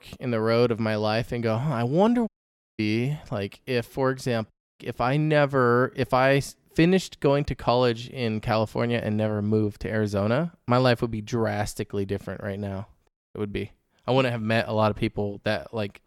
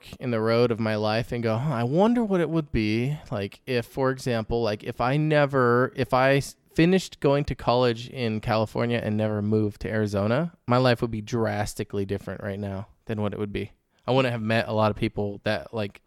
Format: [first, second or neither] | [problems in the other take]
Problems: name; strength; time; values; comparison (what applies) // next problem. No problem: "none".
second | audio cutting out; at 2.5 s for 0.5 s, at 4.5 s and at 13 s